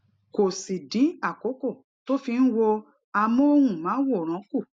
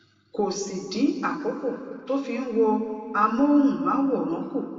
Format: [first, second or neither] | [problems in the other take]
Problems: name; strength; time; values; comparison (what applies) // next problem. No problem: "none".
first | room echo; dies away in 2.2 s